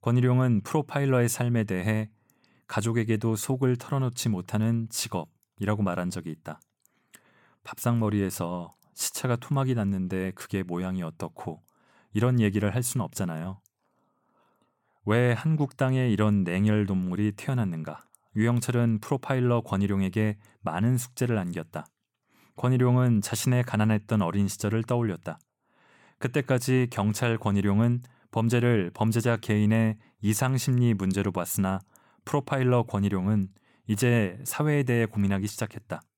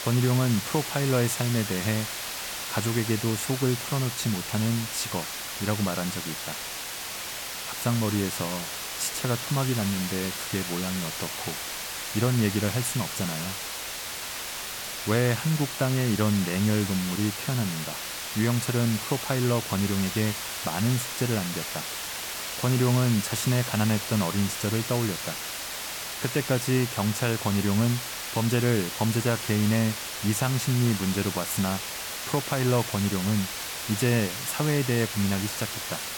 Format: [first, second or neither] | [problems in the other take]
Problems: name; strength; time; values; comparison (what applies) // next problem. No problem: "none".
first | hiss; loud; throughout; 4 dB below the speech